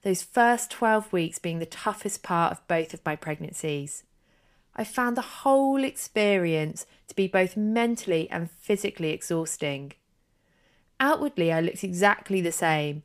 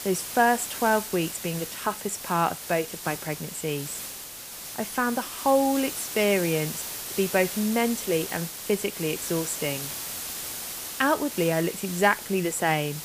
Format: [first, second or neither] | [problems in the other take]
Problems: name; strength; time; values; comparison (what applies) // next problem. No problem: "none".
first | hiss; loud; throughout; 7 dB below the speech